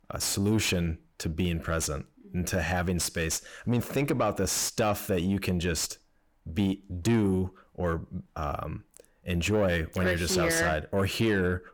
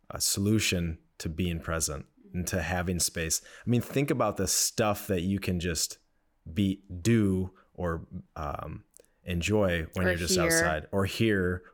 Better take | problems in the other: second | distortion; slight; 10 dB below the speech

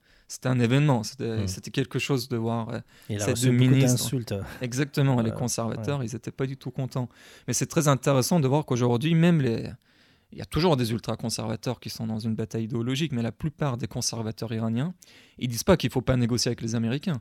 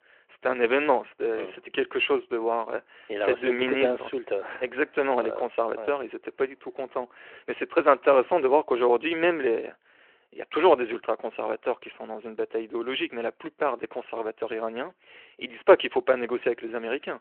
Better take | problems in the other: first | phone-call audio

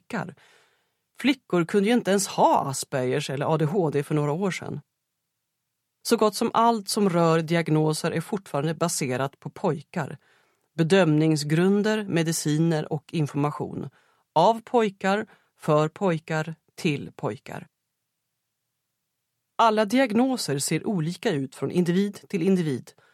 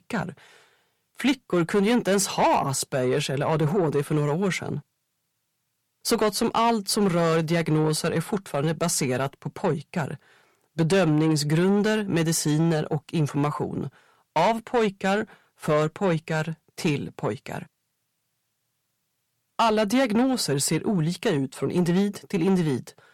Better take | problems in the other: first | distortion; slight; 10 dB below the speech

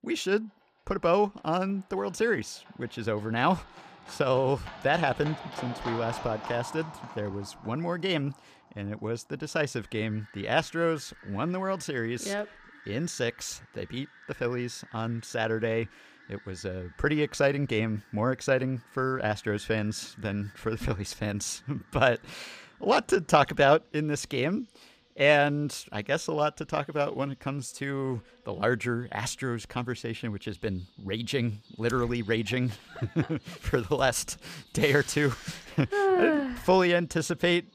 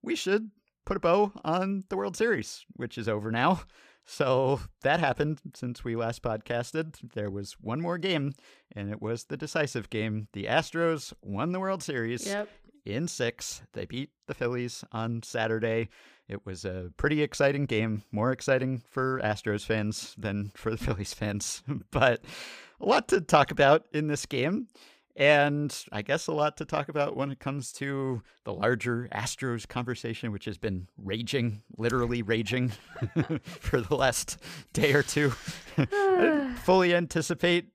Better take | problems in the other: second | animal sounds; noticeable; throughout; 20 dB below the speech

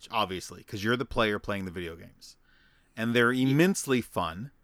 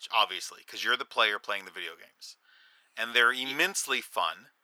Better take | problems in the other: first | thin; very; fading below 800 Hz

